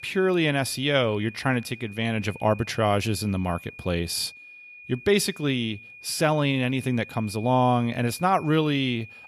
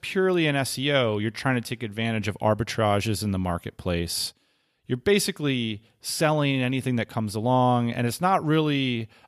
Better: second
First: high-pitched whine; noticeable; throughout; 2.5 kHz, 20 dB below the speech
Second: none

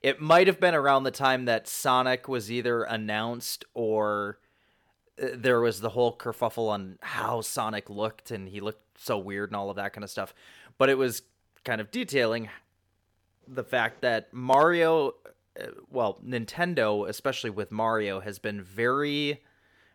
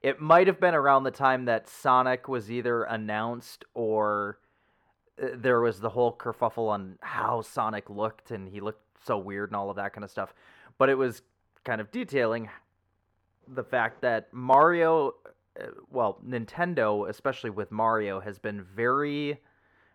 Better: first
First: none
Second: muffled; slightly; fading above 3 kHz

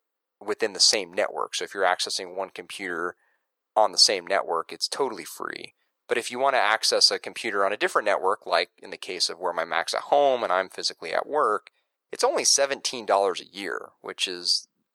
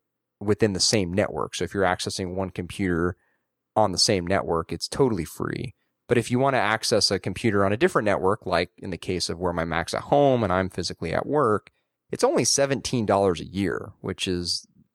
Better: second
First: thin; very; fading below 650 Hz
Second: none

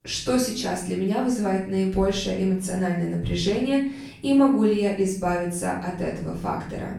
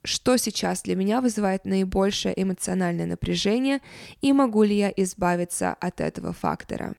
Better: second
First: off-mic speech; far // room echo; noticeable; dies away in 0.5 s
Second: none

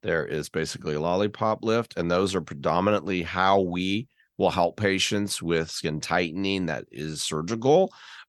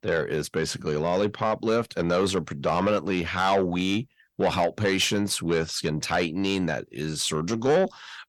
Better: first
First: none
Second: distortion; slight; 10 dB below the speech

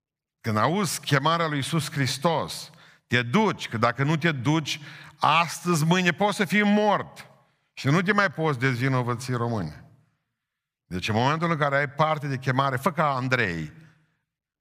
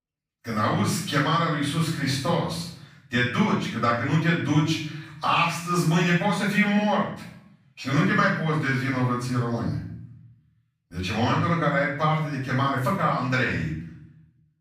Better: first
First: none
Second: room echo; noticeable; dies away in 0.6 s // off-mic speech; far

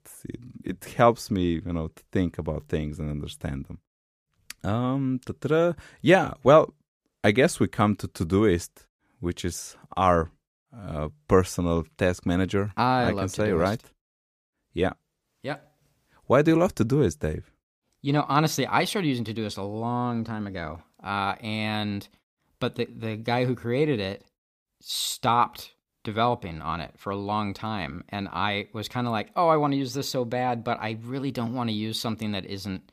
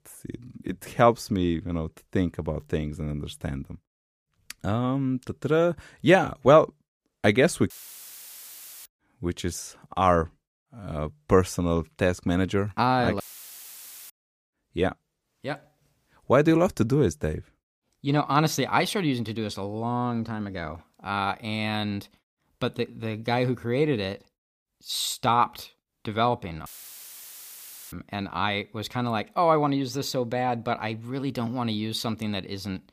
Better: first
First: none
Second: audio cutting out; filled with static; at 7.5 s for 1 s, at 13 s for 1 s and at 27 s for 1.5 s

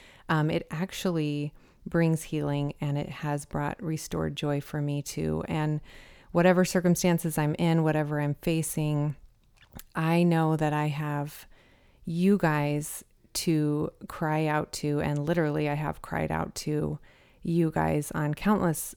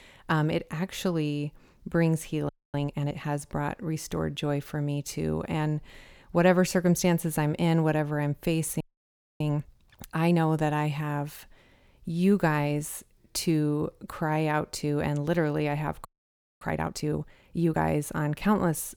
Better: first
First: none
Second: audio freezing; at 2.5 s, at 9 s for 0.5 s and at 16 s for 0.5 s

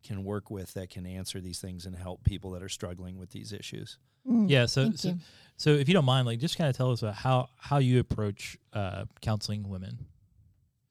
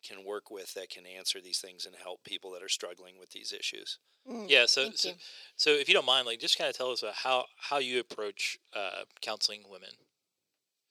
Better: first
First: none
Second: thin; very; fading below 400 Hz

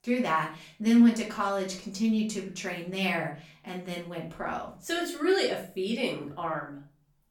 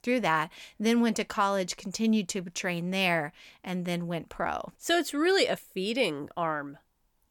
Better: second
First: off-mic speech; far // room echo; slight; dies away in 0.4 s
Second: none

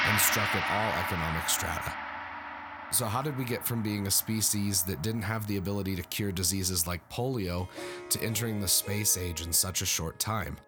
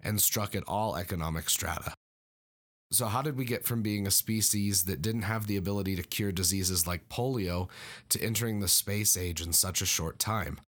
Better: second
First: background music; loud; throughout; 5 dB below the speech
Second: none

